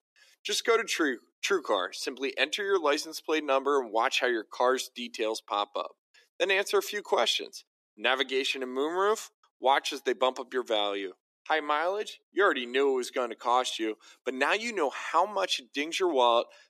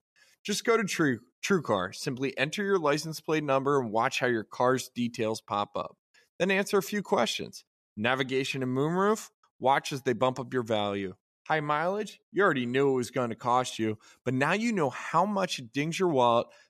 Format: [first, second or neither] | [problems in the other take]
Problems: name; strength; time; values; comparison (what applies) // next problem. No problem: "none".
second | thin; somewhat; fading below 300 Hz